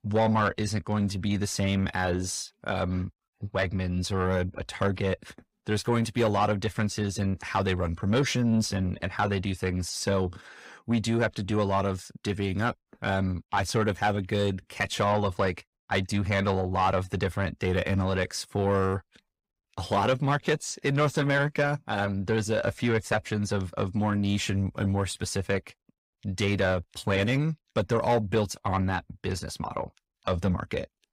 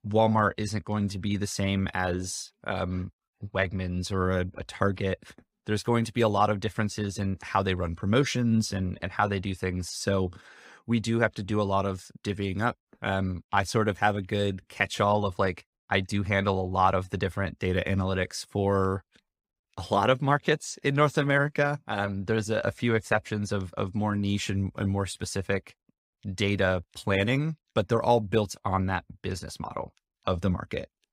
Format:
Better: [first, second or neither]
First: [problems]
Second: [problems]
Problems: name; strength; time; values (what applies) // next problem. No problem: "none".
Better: second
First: distortion; slight; 10 dB below the speech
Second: none